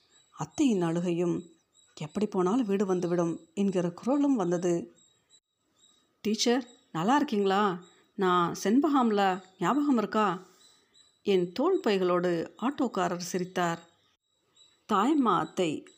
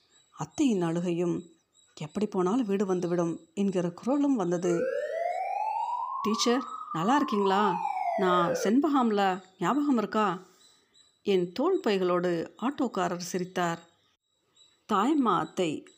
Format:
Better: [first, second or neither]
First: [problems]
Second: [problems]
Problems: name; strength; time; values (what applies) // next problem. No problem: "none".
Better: first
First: none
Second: siren; noticeable; from 4.5 to 8.5 s; peak 2 dB below the speech